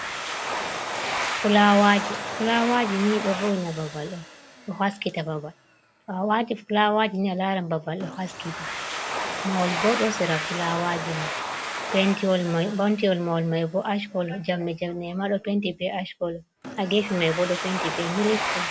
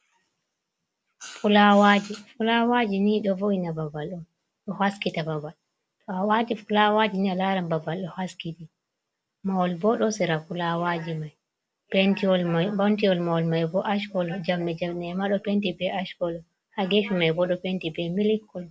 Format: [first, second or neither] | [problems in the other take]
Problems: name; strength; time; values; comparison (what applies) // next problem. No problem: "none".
second | background sound (Domestic sounds, home sounds); 7 dB below the speech